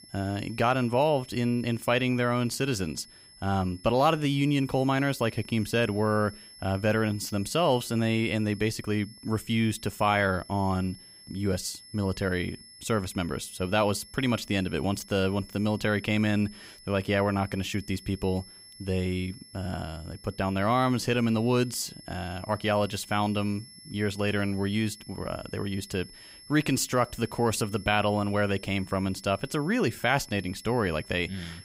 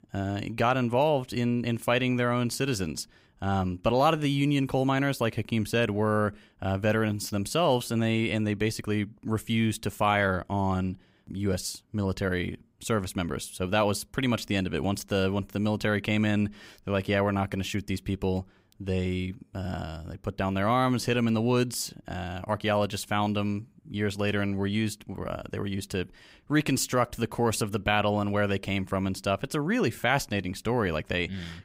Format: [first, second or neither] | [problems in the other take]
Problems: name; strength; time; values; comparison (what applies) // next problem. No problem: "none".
second | high-pitched whine; faint; throughout; 5.5 kHz, 20 dB below the speech